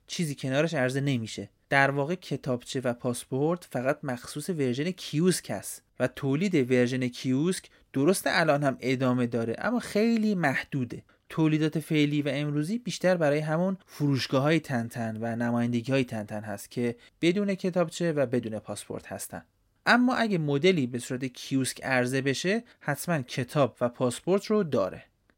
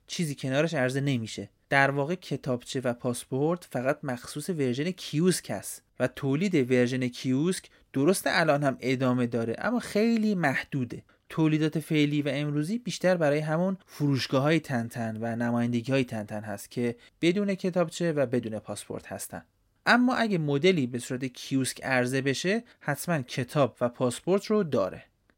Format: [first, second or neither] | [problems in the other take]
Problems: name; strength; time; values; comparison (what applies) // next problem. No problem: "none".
neither | none